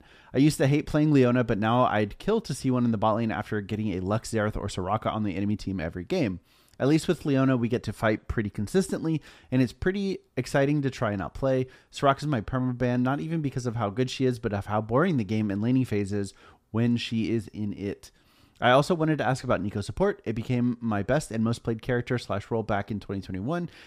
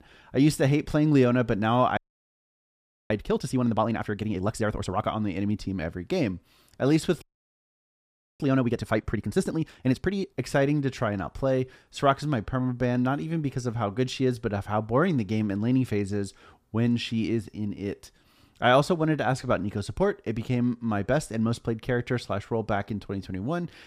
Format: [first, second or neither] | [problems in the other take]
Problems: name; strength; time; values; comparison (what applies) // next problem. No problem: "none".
first | audio freezing; at 2 s for 1 s and at 7 s for 1 s